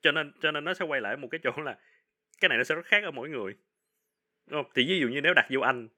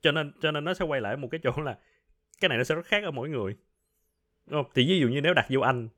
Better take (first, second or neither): second